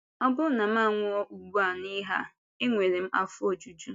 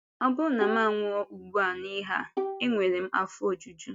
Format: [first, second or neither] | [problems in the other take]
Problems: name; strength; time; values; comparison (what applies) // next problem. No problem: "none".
first | background sound (Bowed string instrument); 9 dB below the speech